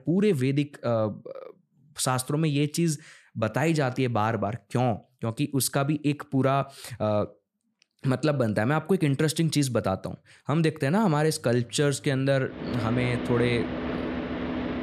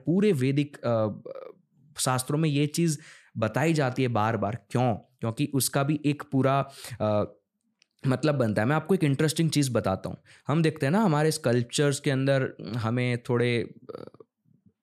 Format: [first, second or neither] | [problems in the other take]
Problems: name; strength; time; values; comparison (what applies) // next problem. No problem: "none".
second | traffic noise; loud; from 12 s on; 6 dB below the speech